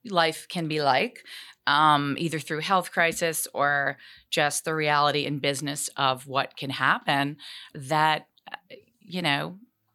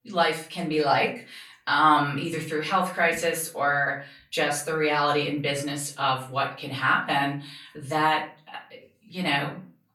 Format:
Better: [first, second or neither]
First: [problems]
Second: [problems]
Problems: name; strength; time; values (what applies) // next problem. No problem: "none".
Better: first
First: none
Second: room echo; slight; dies away in 0.3 s // off-mic speech; far